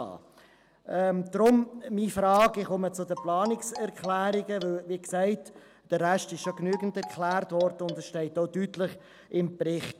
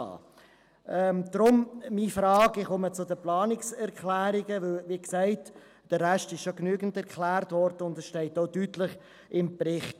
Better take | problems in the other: second | background sound (Marimba, xylophone); 15 dB below the speech

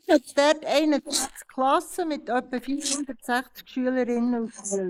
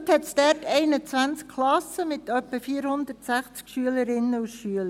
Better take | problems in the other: second | noise reduction (neural mask model Resemble Enhance denoiser)

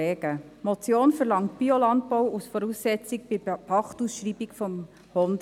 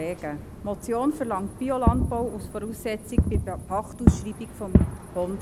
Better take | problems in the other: first | background sound (Fireworks); 3 dB above the speech

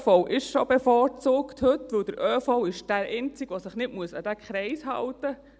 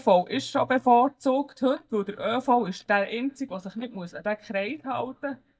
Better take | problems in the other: first | noise reduction (neural mask model DeepFilterNet 3)

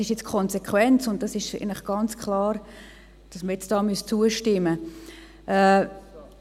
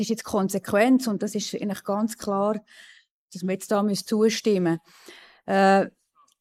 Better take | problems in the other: first | noise reduction (neural mask model Resemble Enhance denoiser)

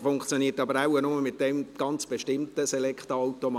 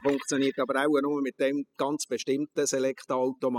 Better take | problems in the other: first | noise reduction (classical method spectral subtraction)

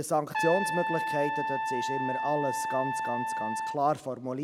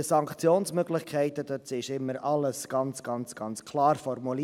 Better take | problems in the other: second | background sound (Trumpet); as loud as the speech

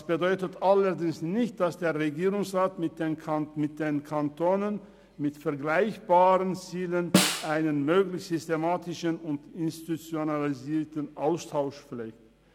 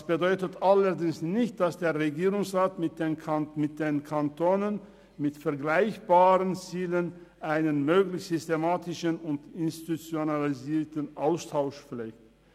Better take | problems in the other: second | background sound (Snare drum); 1 dB below the speech

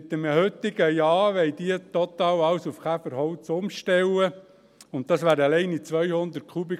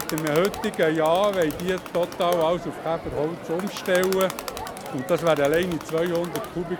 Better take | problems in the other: first | background sound (Crowd); 10 dB below the speech

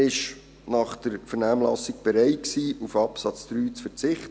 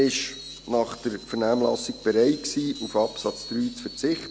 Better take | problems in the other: first | background sound (Screech); 16 dB below the speech

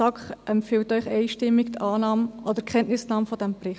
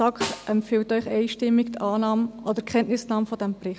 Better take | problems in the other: first | background sound (Snare drum); 14 dB below the speech

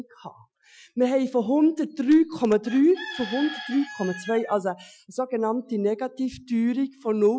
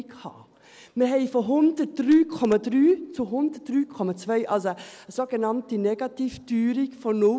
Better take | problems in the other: second | noise reduction (classical method Wiener filter)

